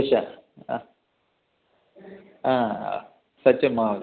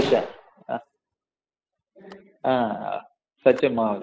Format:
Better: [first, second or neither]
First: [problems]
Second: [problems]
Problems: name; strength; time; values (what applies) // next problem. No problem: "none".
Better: first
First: none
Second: noise reduction (classical method spectral subtraction)